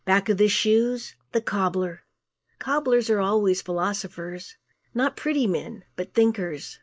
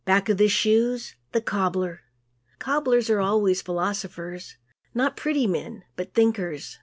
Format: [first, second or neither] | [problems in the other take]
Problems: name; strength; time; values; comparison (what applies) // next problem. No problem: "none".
second | noise reduction (neural mask model Resemble Enhance denoiser)